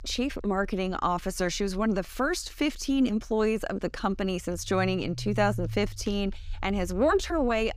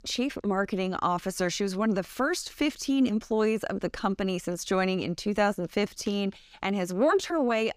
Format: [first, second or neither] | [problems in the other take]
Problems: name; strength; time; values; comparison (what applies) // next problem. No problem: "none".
second | low rumble; faint; throughout; 25 dB below the speech